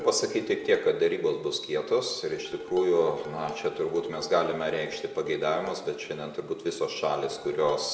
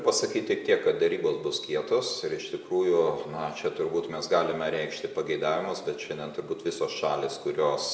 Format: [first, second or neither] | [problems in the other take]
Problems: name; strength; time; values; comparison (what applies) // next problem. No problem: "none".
second | background sound (Dishes, pots, and pans); 15 dB below the speech